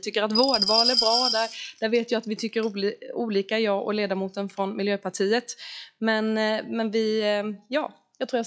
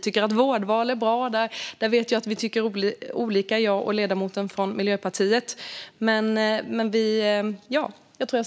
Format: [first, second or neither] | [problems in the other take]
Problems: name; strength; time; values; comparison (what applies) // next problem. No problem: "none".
second | noise reduction (classical method log-MMSE)